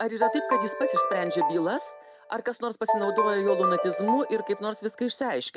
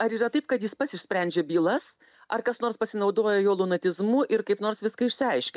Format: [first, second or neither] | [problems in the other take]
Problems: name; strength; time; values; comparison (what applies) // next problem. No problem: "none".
second | background sound (Ringtone); as loud as the speech